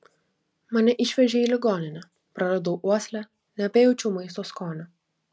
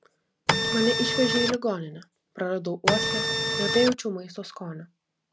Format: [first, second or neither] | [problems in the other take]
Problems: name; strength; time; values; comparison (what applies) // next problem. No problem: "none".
first | background sound (Printer); 3 dB above the speech